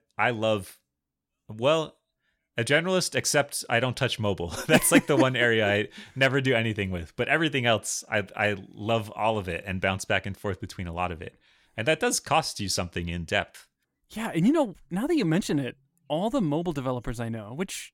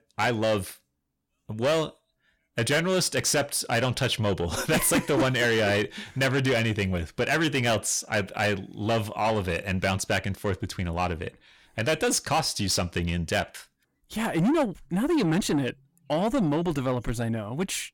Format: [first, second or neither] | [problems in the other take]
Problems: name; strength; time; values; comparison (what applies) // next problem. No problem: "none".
first | distortion; heavy; 7 dB below the speech